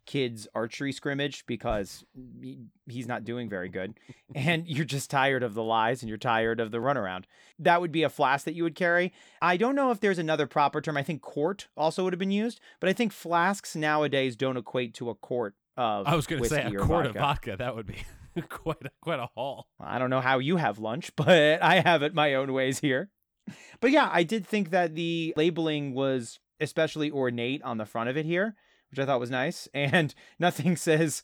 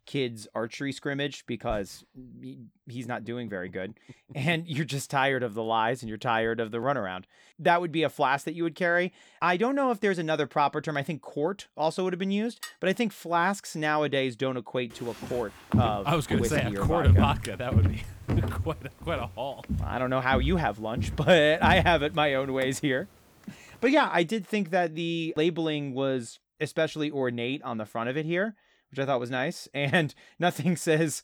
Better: first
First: none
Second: clattering dishes; faint; at 13 s; peak 15 dB below the speech // footsteps; loud; from 16 to 22 s; peak 6 dB above the speech

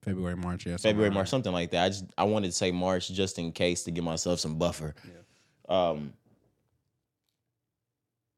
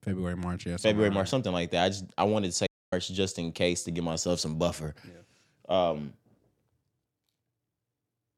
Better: first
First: none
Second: audio cutting out; at 2.5 s

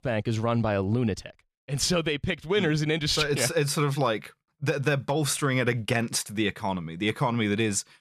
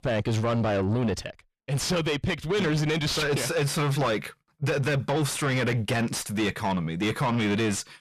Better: first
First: none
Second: distortion; heavy; 7 dB below the speech

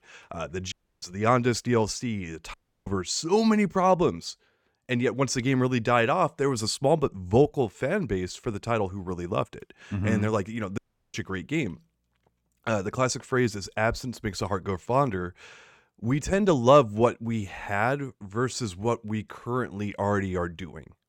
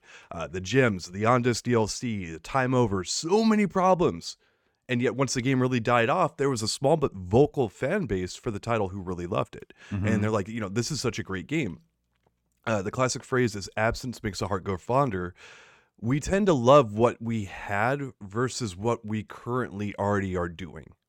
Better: second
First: audio cutting out; at 0.5 s, at 2.5 s and at 11 s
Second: none

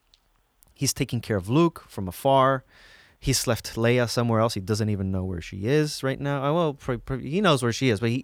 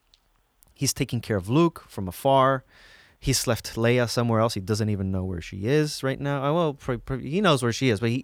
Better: neither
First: none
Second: none

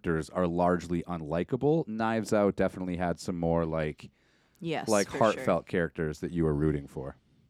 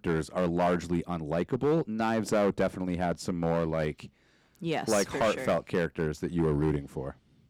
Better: first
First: none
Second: distortion; slight; 4% of the sound clipped

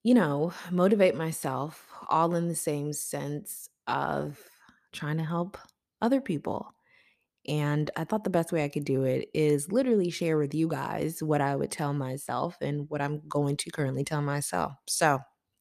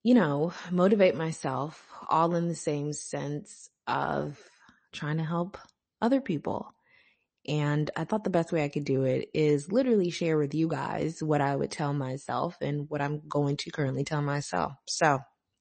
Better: first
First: none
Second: garbled, watery; slightly; nothing above 8 kHz

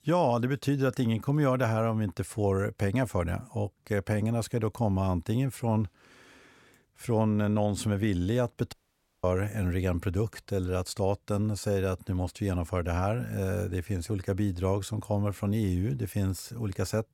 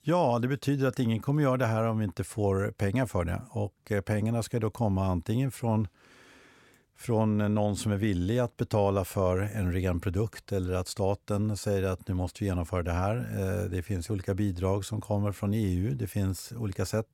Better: second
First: audio cutting out; at 8.5 s for 0.5 s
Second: none

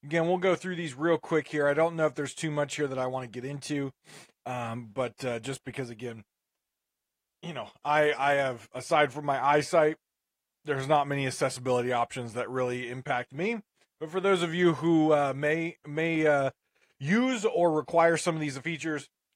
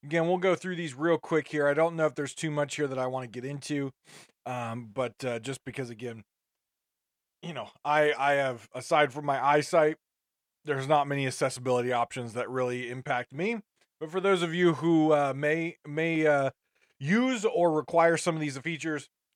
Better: second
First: garbled, watery; slightly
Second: none

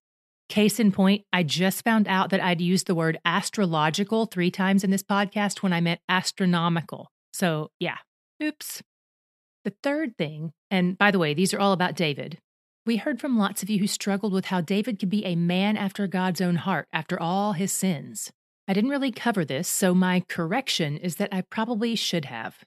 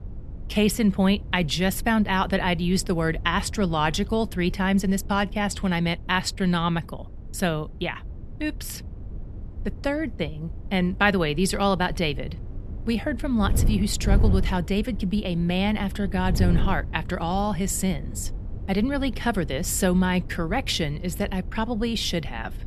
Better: first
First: none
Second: wind noise on the microphone; occasional gusts; 20 dB below the speech

